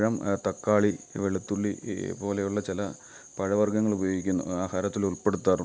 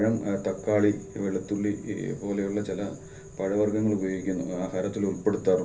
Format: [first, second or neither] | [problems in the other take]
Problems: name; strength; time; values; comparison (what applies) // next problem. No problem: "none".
first | background sound (Rain); 18 dB below the speech // room echo; dies away in 0.3 s